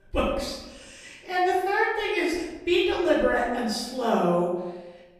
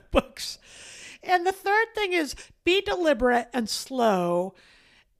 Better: second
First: room echo; noticeable; dies away in 0.9 s // off-mic speech; far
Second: none

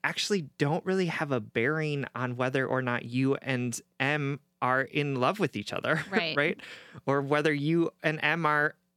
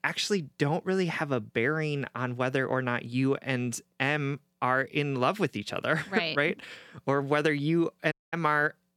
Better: first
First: none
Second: audio cutting out; at 8 s

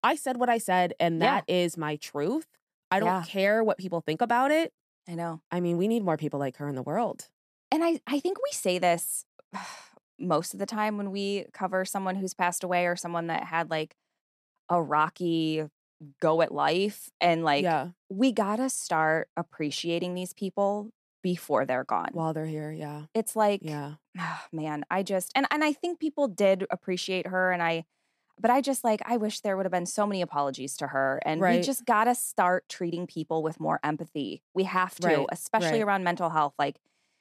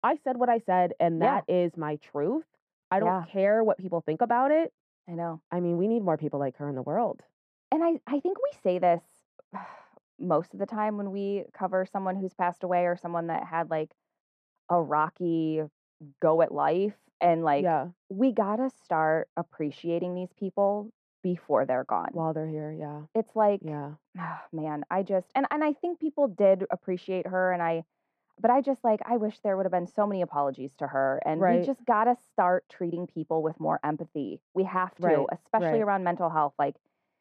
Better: first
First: none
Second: muffled; very; fading above 3.5 kHz

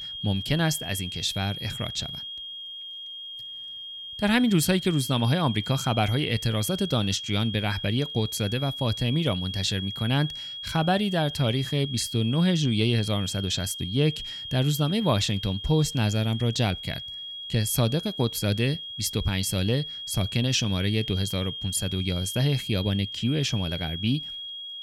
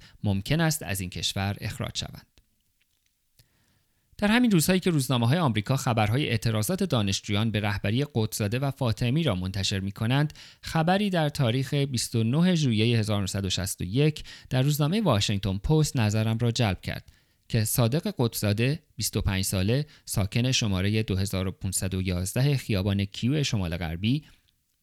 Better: second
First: high-pitched whine; loud; throughout; 3.5 kHz, 8 dB below the speech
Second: none

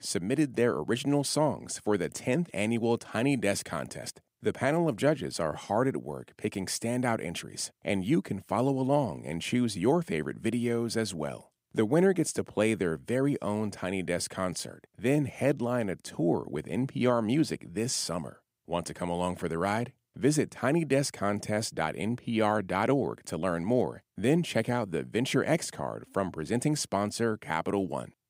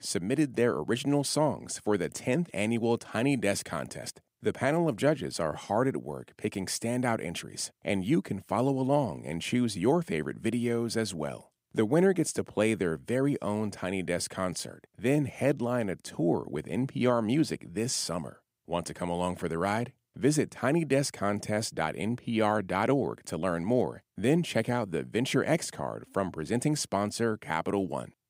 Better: neither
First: none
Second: none

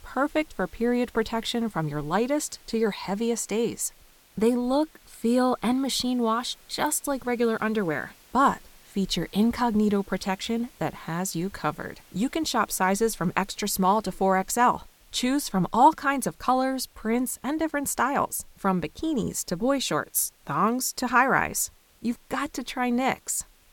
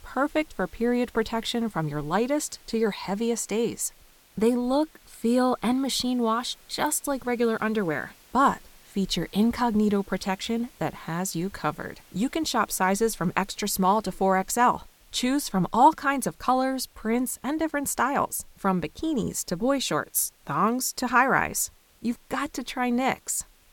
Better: neither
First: hiss; faint; throughout; 30 dB below the speech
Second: hiss; faint; throughout; 30 dB below the speech

